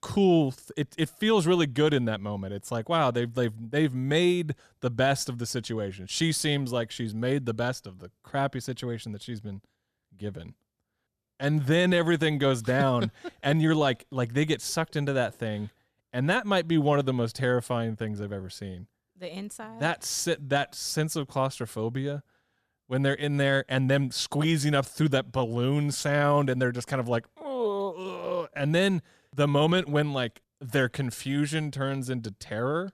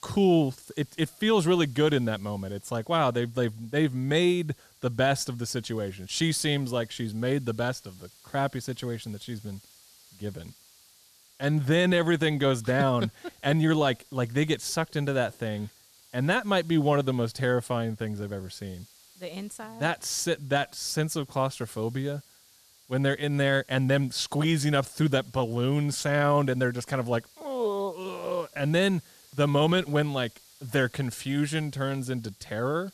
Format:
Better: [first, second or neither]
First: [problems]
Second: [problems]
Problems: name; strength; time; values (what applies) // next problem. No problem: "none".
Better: first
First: none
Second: hiss; faint; throughout; 25 dB below the speech